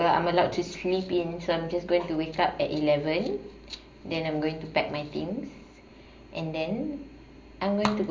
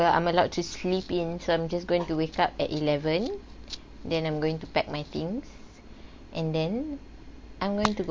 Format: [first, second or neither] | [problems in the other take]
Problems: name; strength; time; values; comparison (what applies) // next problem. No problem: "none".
second | room echo; dies away in 0.5 s